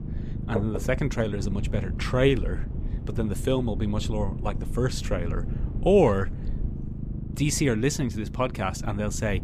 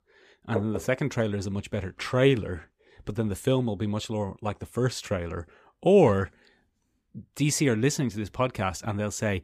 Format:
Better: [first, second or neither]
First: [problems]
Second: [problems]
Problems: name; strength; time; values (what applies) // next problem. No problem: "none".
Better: second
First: low rumble; noticeable; throughout; 15 dB below the speech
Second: none